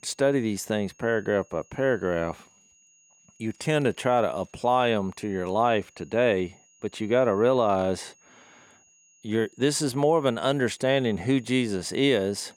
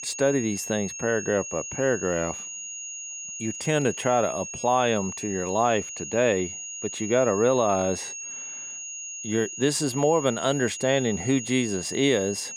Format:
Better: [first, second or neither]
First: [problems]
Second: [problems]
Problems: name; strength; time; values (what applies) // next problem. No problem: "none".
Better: first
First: high-pitched whine; faint; throughout; 6.5 kHz, 30 dB below the speech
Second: high-pitched whine; loud; throughout; 6.5 kHz, 8 dB below the speech